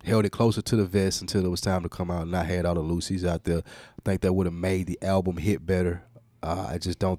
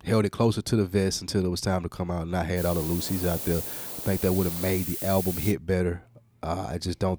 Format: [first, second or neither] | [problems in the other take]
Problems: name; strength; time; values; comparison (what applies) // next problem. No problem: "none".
first | hiss; loud; from 2.5 to 5.5 s; 5 dB below the speech